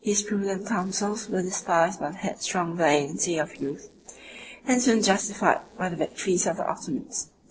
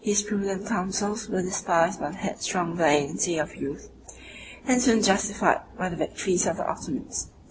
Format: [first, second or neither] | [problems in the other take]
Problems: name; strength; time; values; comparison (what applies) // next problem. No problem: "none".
second | noise reduction (neural separator model SepFormer DNS4)